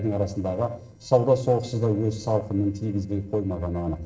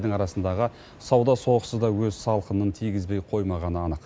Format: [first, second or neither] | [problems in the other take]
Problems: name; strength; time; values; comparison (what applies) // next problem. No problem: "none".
second | noise reduction (neural separator model SepFormer DNS4)